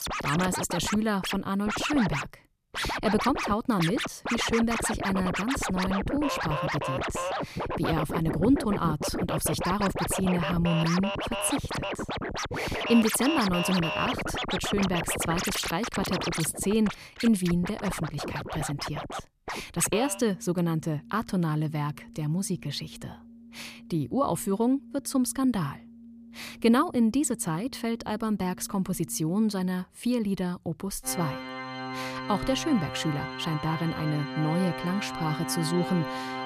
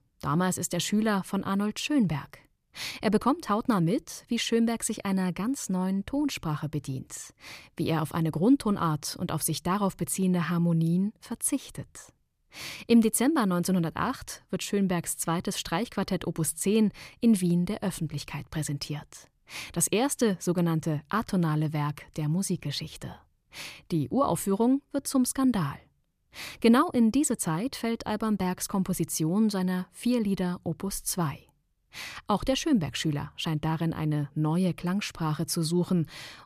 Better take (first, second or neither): second